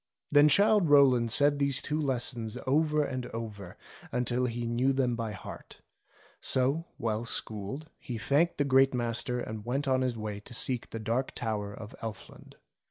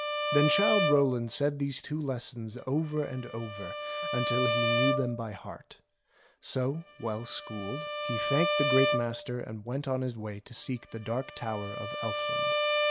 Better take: first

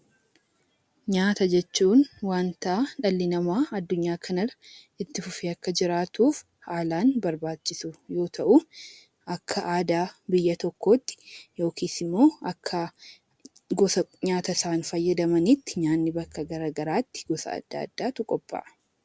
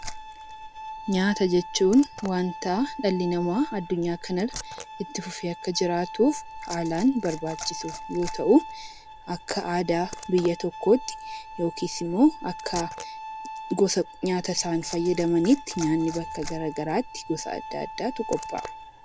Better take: first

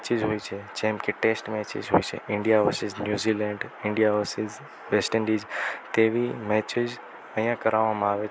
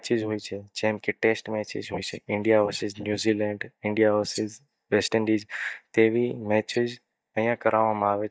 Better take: first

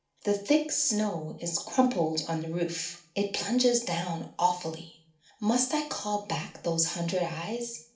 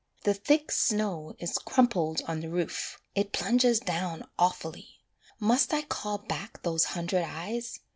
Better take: second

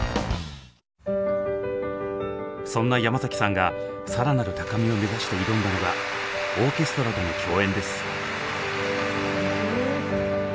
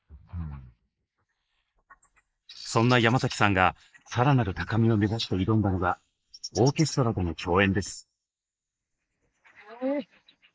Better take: first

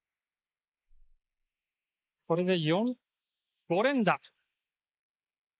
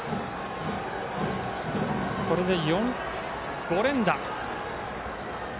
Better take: second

